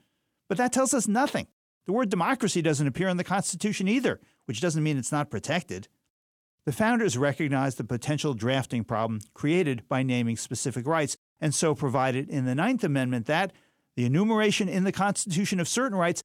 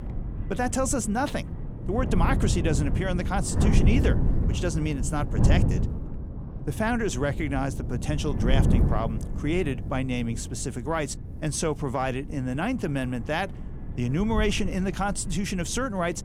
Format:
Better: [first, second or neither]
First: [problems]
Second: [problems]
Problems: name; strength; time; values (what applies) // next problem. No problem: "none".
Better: first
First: none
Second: wind noise on the microphone; heavy; 9 dB below the speech